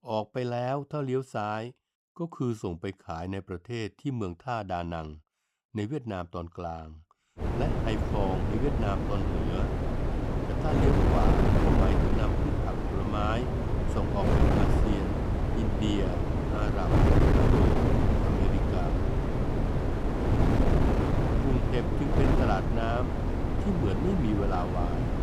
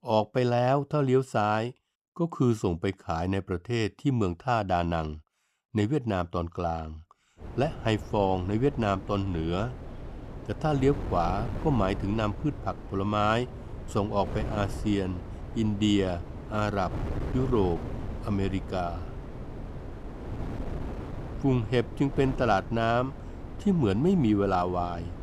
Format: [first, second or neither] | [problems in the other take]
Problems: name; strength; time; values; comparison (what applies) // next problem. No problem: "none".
second | wind noise on the microphone; heavy; from 7.5 s on; 2 dB above the speech; occasional gusts in the second